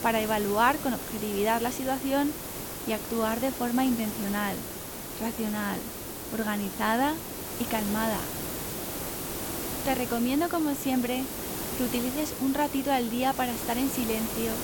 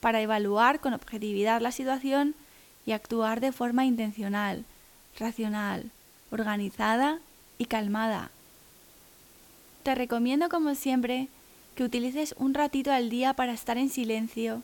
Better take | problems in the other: second | hiss; loud; throughout; 5 dB below the speech; faint in the second

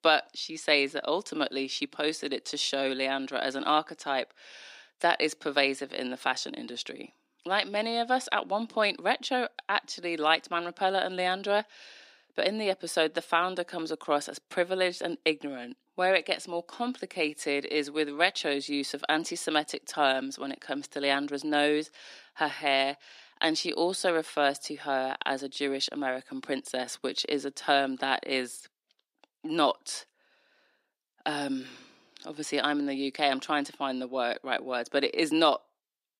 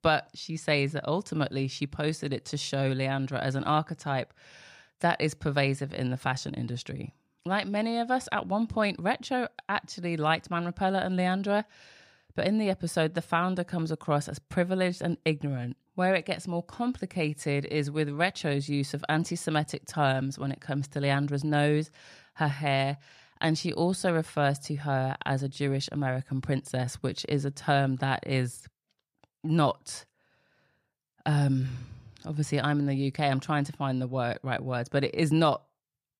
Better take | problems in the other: second | thin; somewhat; fading below 250 Hz

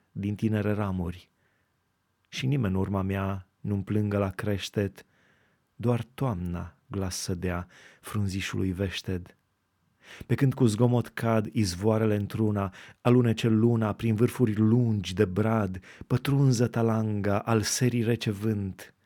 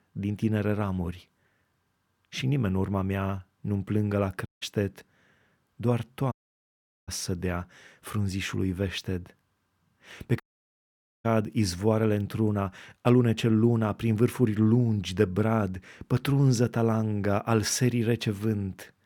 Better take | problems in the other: first | audio cutting out; at 4.5 s, at 6.5 s for 1 s and at 10 s for 1 s

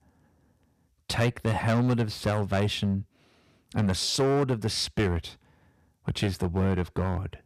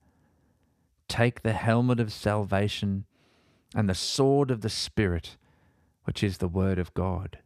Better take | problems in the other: second | distortion; slight; 7% of the sound clipped

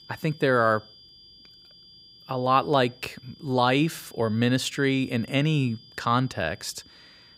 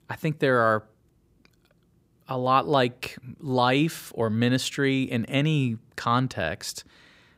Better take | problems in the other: second | high-pitched whine; faint; throughout; 5 kHz, 25 dB below the speech

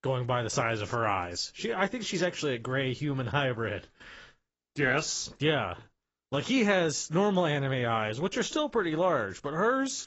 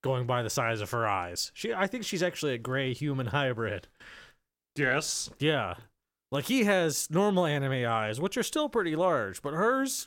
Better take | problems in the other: second | garbled, watery; badly; nothing above 7.5 kHz

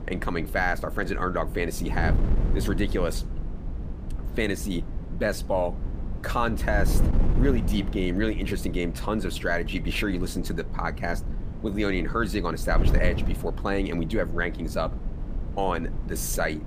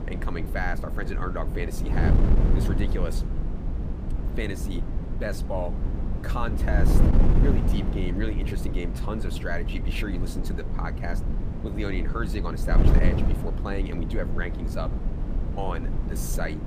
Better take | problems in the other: first | wind noise on the microphone; heavy; 3 dB below the speech; occasional gusts in the first

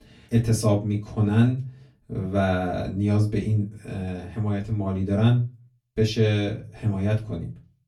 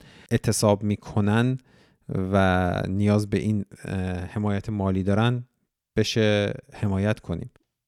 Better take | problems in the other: second | off-mic speech; far // room echo; very slight; dies away in 0.3 s

